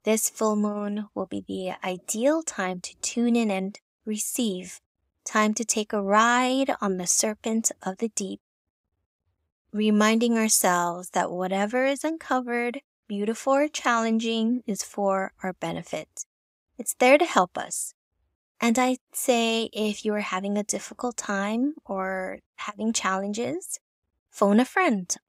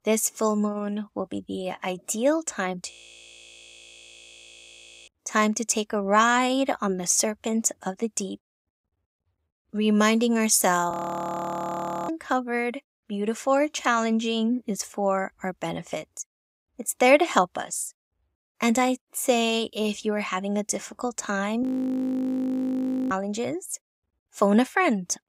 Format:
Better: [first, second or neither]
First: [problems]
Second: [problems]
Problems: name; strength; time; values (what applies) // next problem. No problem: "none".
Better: first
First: none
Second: audio freezing; at 3 s for 2 s, at 11 s for 1 s and at 22 s for 1.5 s